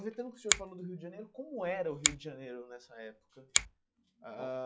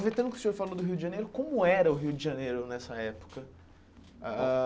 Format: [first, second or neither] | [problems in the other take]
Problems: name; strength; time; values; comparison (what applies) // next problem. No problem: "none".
second | noise reduction (classical method log-MMSE)